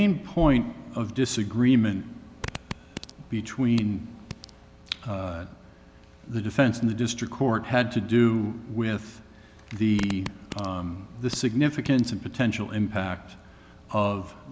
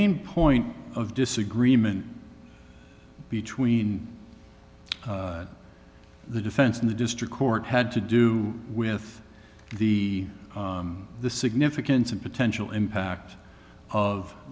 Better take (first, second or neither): second